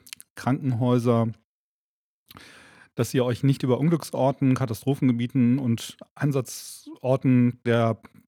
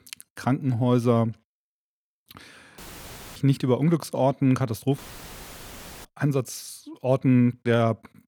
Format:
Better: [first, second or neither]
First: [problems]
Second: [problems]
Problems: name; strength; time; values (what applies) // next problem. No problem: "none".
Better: first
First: none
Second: audio cutting out; filled with static; at 3 s for 0.5 s and at 5 s for 1 s